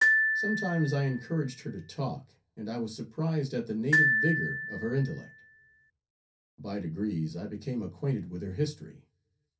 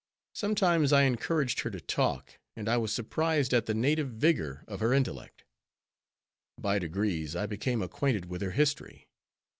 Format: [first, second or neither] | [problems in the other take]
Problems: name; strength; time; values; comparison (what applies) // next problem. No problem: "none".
second | background sound (Glockenspiel); 3 dB above the speech // room echo; dies away in 0.3 s